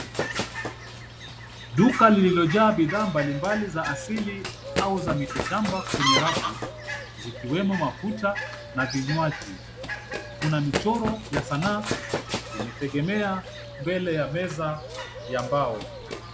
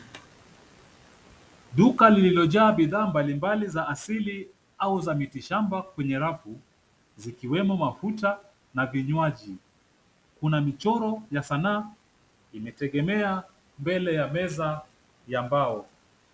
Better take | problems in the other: second | background sound (Fowl + Run); 6 dB below the speech

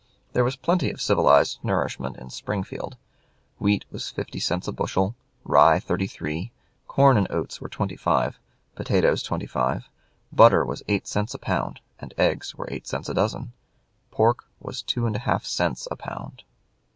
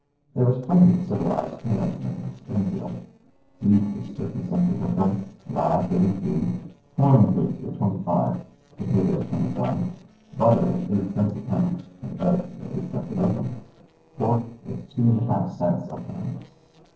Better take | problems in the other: first | noise reduction (neural separator model SepFormer DNS4)

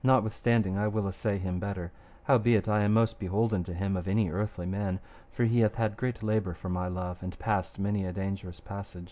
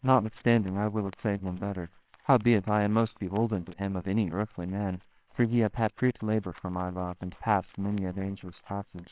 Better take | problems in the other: first | noise reduction (neural separator model SepFormer WHAMR!)

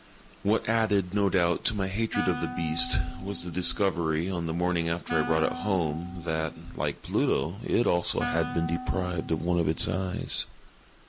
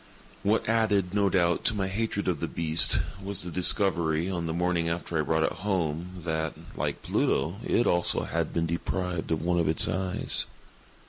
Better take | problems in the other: second | background sound (Wind instrument, woodwind instrument); 11 dB below the speech

